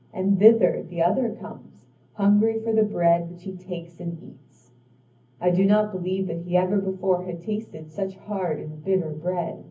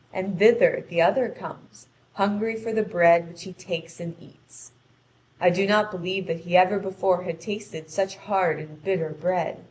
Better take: second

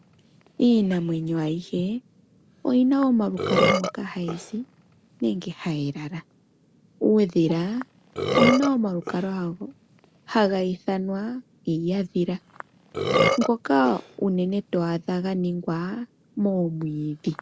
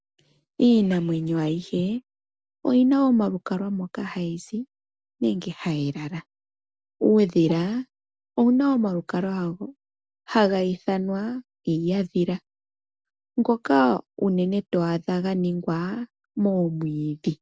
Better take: second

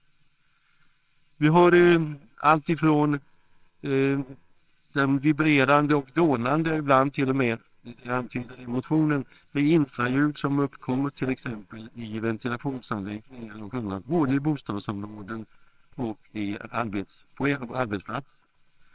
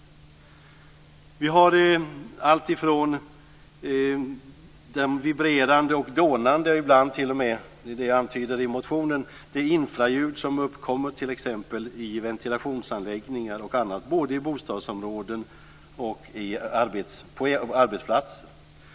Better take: second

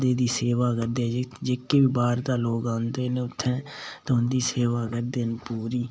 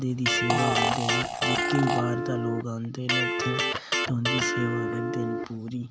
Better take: first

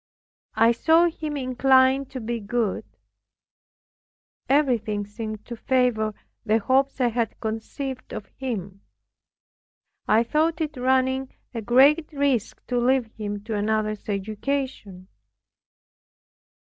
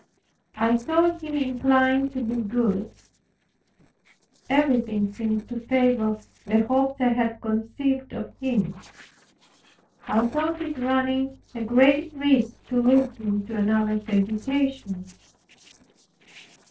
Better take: first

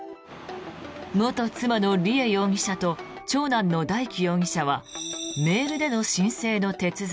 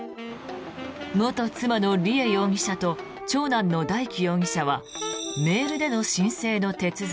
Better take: first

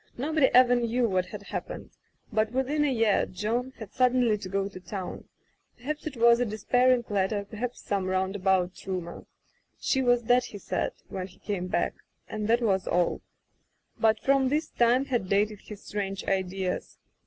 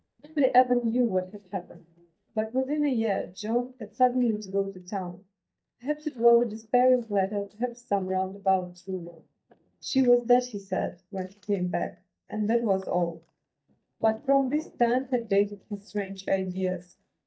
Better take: first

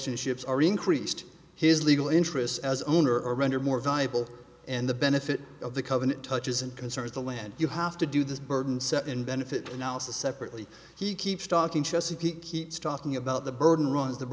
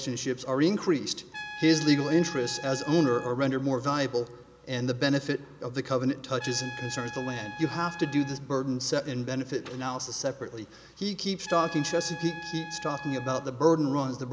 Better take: first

